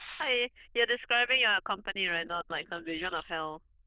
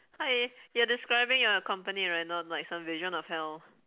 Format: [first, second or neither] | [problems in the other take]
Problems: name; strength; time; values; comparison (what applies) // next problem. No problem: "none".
second | noise reduction (neural diffusion model UNIVERSE++)